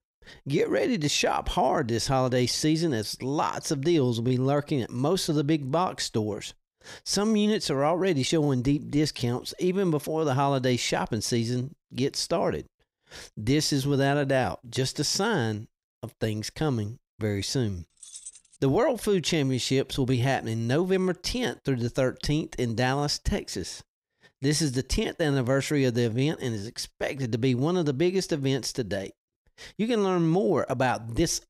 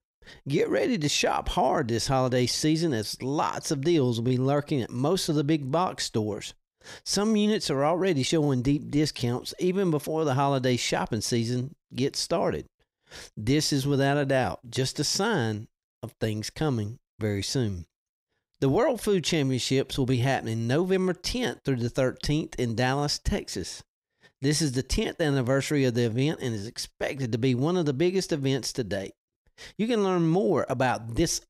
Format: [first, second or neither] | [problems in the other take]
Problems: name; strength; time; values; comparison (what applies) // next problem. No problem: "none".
second | jangling keys; faint; at 18 s; peak 15 dB below the speech